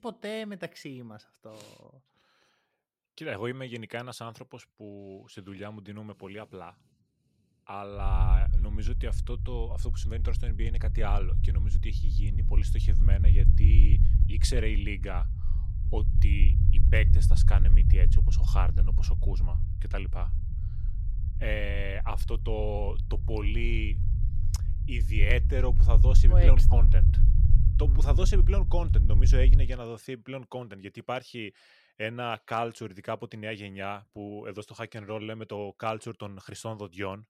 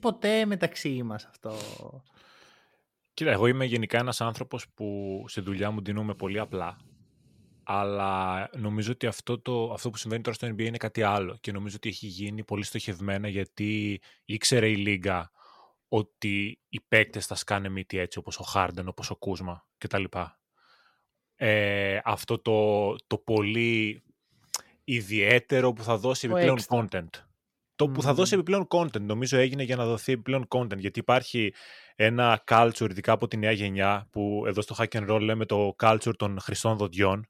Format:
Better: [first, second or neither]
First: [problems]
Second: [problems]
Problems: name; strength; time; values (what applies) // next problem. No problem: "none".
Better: second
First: low rumble; loud; from 8 to 30 s; 8 dB below the speech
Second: none